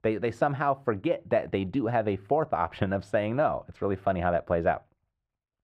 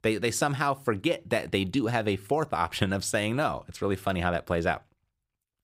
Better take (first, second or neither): second